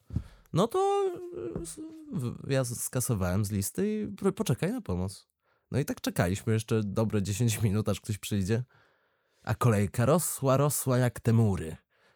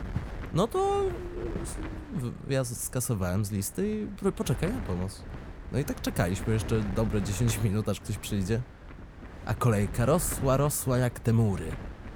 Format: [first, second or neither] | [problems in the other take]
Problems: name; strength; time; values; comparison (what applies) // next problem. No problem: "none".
first | wind noise on the microphone; occasional gusts; 15 dB below the speech